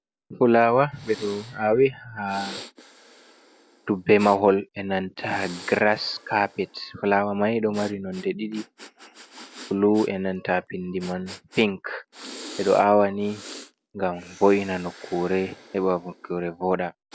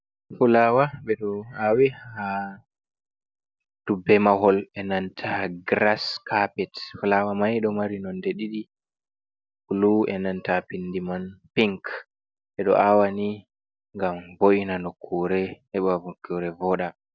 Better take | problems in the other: second | background sound (Breathing); 20 dB below the speech

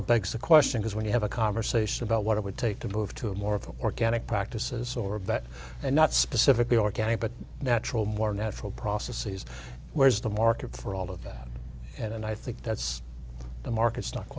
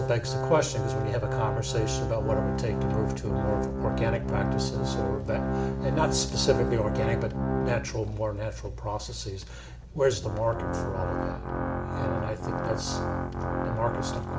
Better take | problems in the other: first | background sound (Organ); as loud as the speech // room echo; dies away in 0.5 s

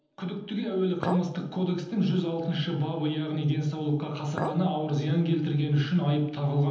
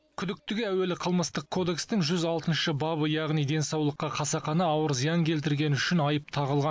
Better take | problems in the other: second | noise reduction (neural separator model SepFormer DNS4)

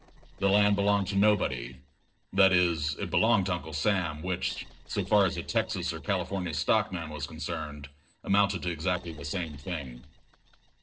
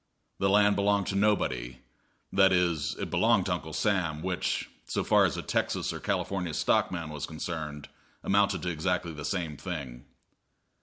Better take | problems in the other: second | noise reduction (neural separator model SepFormer DNS4)

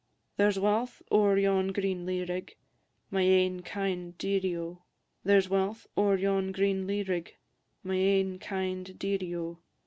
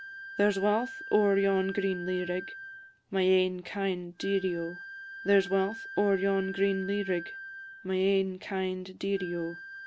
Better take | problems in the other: first | background sound (Wind instrument, woodwind instrument); 14 dB below the speech

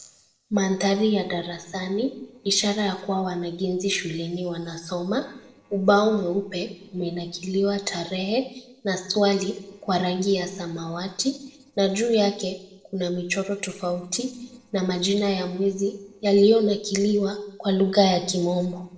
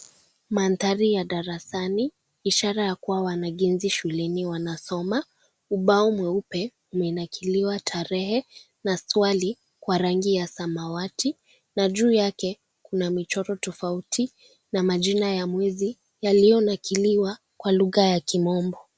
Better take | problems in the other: second | noise reduction (neural separator model SepFormer DNS4)

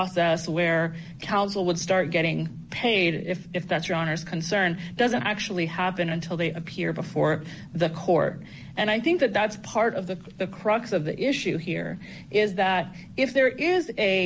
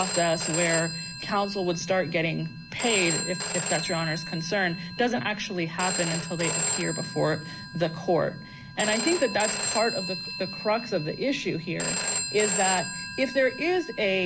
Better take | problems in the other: first | background sound (Telephone); 4 dB below the speech

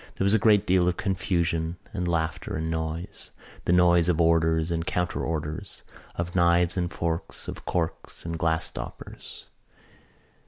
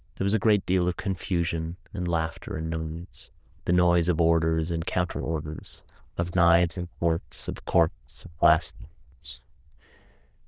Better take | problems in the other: first | noise reduction (neural diffusion model UNIVERSE++)

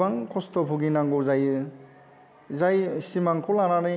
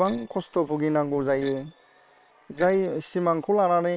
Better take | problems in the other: first | noise reduction (neural separator model SepFormer WHAM!)

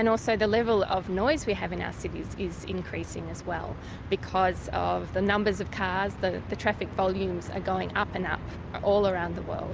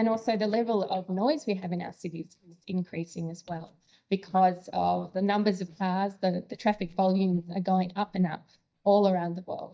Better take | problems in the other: first | noise reduction (neural mask model DeepFilterNet 3)

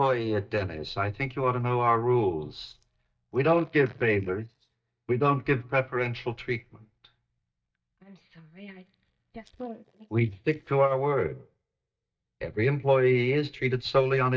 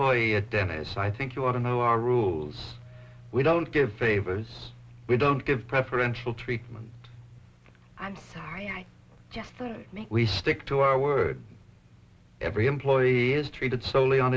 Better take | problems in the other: second | noise reduction (neural mask model DeepFilterNet 3)

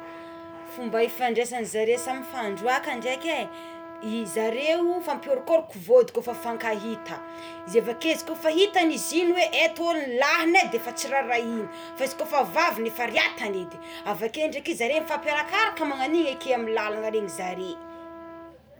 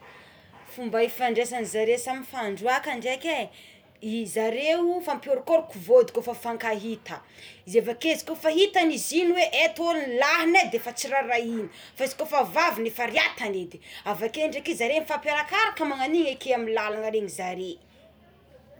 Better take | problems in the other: second | background sound (Trumpet); 15 dB below the speech

